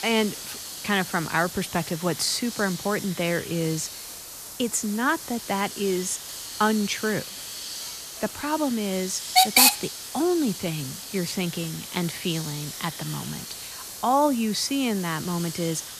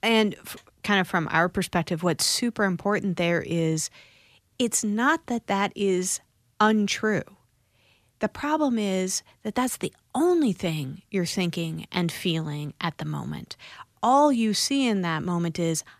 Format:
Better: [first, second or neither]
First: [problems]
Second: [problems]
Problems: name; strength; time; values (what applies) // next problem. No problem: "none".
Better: second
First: hiss; loud; throughout; 2 dB below the speech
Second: none